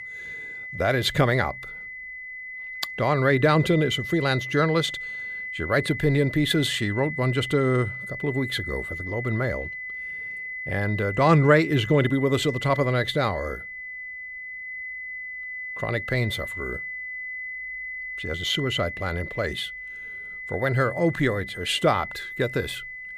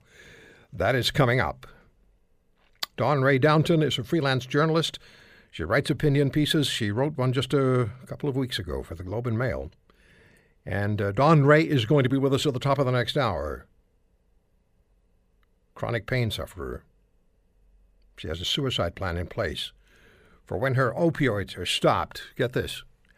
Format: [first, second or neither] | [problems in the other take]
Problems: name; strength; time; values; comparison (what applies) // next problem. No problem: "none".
second | high-pitched whine; loud; throughout; 2 kHz, 8 dB below the speech